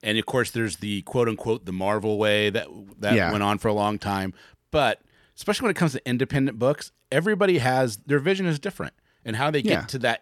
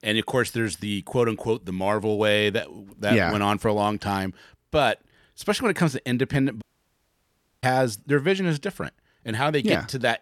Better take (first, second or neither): first